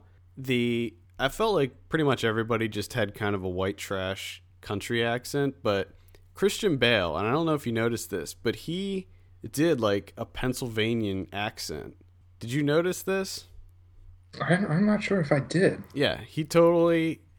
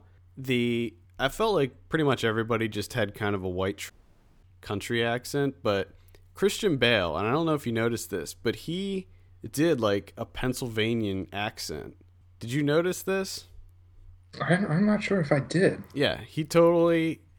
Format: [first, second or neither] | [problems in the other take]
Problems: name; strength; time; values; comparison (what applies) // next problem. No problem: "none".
first | audio cutting out; at 4 s for 0.5 s